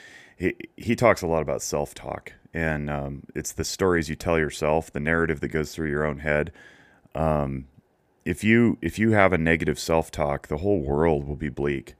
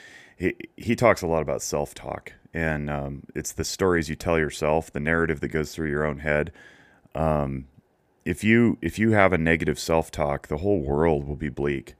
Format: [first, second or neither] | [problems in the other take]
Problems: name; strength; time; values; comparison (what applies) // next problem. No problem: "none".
neither | none